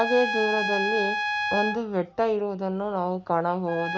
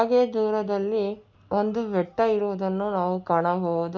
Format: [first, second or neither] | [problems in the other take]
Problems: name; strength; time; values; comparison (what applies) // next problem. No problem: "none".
second | background sound (Trumpet); 4 dB below the speech